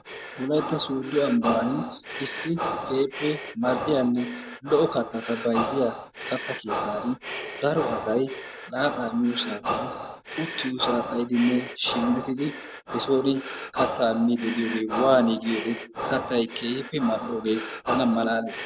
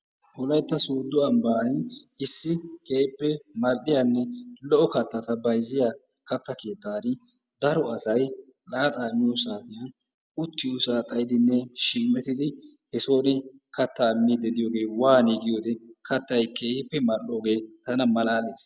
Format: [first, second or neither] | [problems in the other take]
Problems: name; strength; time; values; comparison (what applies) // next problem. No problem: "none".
second | background sound (Breathing); 7 dB below the speech